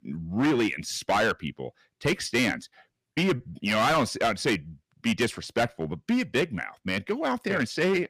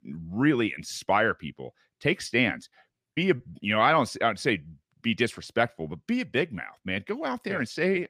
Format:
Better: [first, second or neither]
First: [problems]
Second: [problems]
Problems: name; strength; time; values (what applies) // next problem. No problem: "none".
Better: second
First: distortion; heavy; 9% of the sound clipped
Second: none